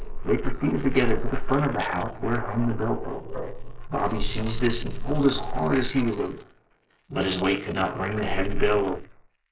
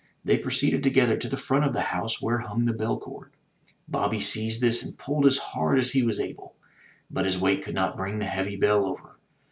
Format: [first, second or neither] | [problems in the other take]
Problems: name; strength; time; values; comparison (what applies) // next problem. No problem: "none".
second | noise reduction (neural mask model Resemble Enhance denoiser)